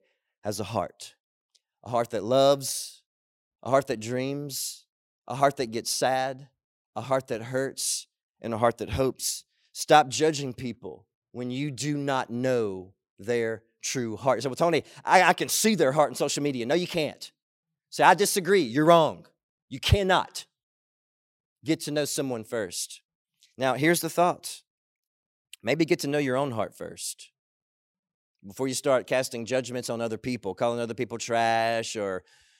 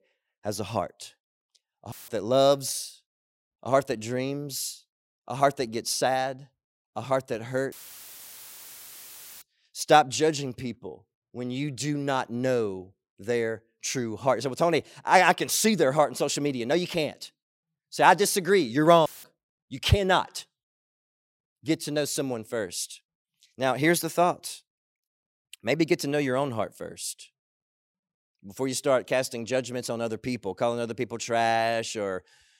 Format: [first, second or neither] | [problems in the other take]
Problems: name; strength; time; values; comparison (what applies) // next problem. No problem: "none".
first | audio cutting out; filled with static; at 2 s, at 7.5 s for 1.5 s and at 19 s